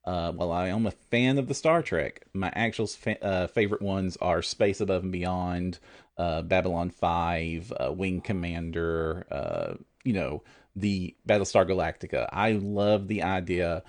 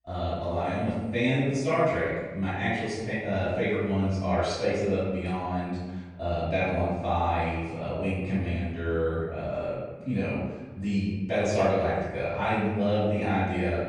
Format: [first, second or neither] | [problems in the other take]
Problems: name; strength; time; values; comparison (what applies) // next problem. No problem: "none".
first | off-mic speech; far // room echo; strong; dies away in 1.1 s